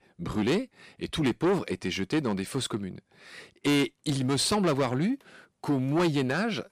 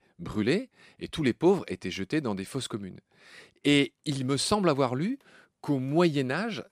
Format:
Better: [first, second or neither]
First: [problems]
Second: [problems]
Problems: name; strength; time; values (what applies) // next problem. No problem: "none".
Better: second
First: distortion; heavy; 8 dB below the speech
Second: none